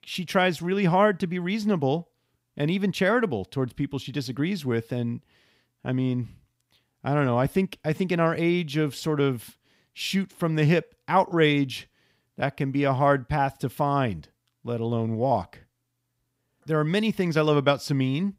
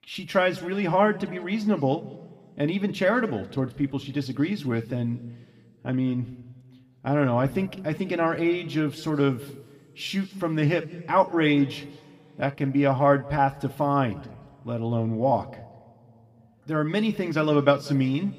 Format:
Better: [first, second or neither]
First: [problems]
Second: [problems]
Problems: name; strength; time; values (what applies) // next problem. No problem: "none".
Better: first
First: none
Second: room echo; slight; dies away in 1.6 s